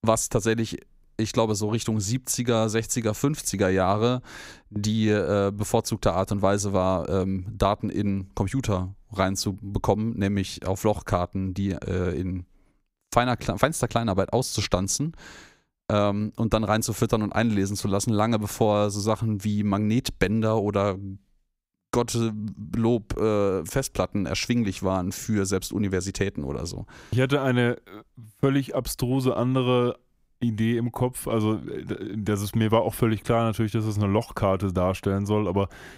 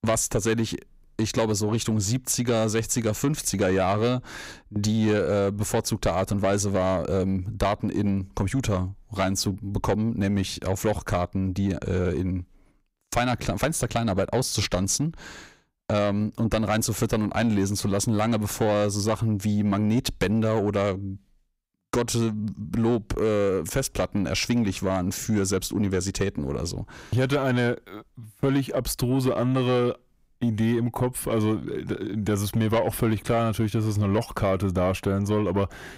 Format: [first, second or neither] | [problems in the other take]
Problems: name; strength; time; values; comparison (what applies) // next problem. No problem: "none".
first | distortion; slight; 10 dB below the speech